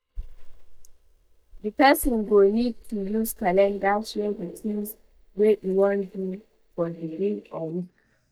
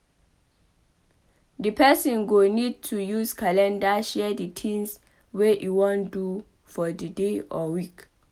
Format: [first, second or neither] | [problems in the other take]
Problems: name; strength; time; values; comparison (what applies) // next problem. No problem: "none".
second | noise reduction (neural mask model DeepFilterNet 3)